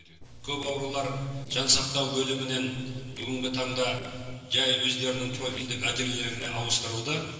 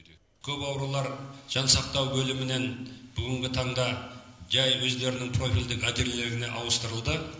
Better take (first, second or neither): second